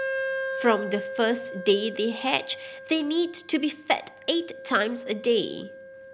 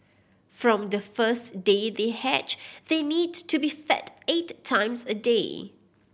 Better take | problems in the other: second | background sound (Wind instrument, woodwind instrument); 9 dB below the speech

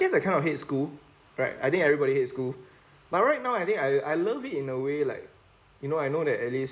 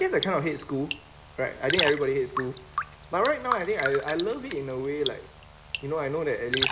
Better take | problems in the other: first | background sound (Raindrop); 6 dB below the speech

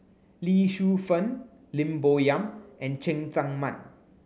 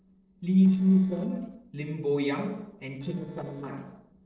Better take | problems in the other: first | noise reduction (neural separator model SepFormer DNS4)

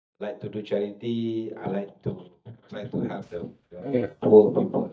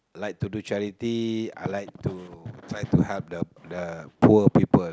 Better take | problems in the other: second | noise reduction (neural mask model DeepFilterNet 3)

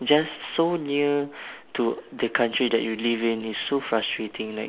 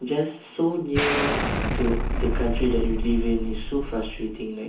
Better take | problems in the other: first | background sound (Explosion); 1 dB above the speech // room echo; dies away in 0.6 s

